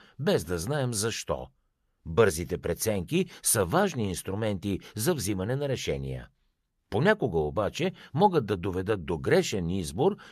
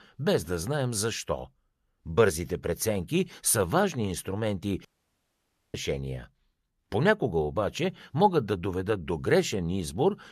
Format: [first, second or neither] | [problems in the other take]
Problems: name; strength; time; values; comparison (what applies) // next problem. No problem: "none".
first | audio cutting out; at 5 s for 1 s